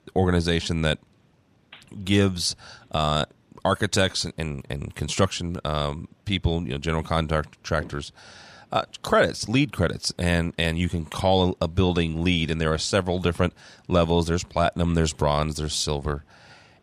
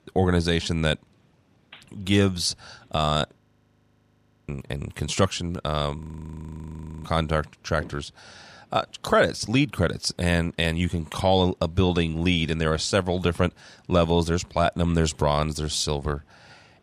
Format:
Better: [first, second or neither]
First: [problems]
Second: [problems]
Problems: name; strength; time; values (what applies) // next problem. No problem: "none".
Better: first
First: none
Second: audio freezing; at 3.5 s for 1 s and at 6 s for 1 s